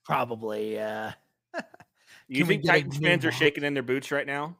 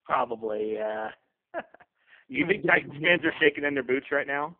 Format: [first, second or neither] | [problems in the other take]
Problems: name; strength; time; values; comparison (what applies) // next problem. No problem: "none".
first | phone-call audio; poor line; nothing above 3 kHz